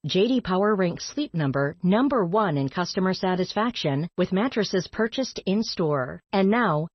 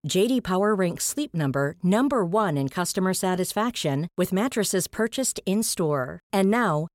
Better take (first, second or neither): second